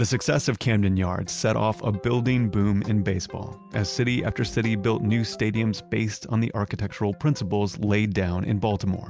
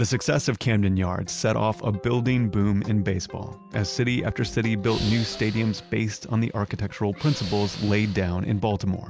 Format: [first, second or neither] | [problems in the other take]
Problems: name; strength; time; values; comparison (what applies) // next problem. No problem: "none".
first | background sound (Hiss / Breathing); 15 dB below the speech